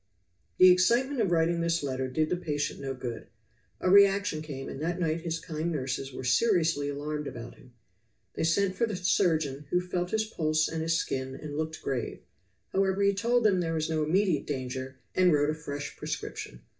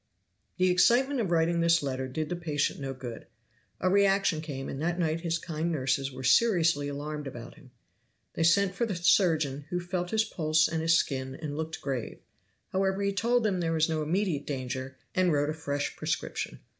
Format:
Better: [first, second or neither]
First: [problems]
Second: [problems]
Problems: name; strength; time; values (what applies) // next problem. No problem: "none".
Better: second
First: room echo; dies away in 0.2 s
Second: none